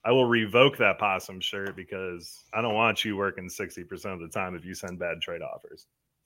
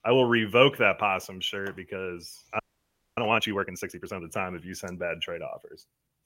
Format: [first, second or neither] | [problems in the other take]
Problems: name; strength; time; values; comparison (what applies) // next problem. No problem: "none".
first | audio freezing; at 2.5 s for 0.5 s